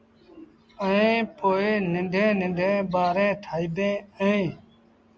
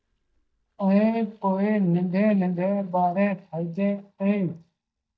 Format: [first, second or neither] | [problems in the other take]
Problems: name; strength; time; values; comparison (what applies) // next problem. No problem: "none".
first | noise reduction (neural mask model DeepFilterNet 3)